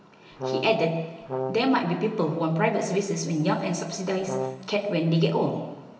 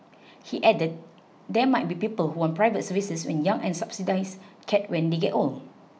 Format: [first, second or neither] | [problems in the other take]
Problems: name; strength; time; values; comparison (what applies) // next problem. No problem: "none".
second | background sound (Brass instrument); 6 dB below the speech // room echo; dies away in 1.4 s